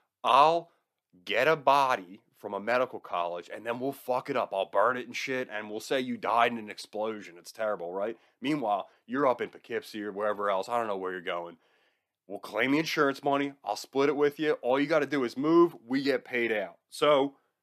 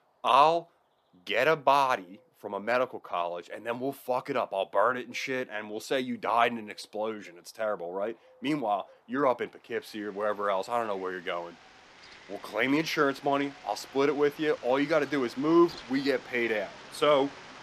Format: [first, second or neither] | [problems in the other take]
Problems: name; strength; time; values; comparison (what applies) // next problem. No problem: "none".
first | animal sounds; faint; throughout; 20 dB below the speech